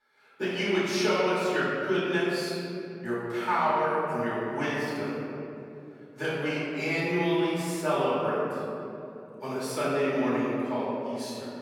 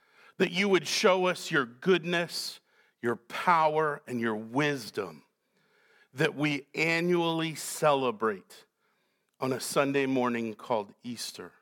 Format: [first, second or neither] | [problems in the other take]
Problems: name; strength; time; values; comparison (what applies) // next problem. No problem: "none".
second | off-mic speech; far // room echo; strong; dies away in 2.7 s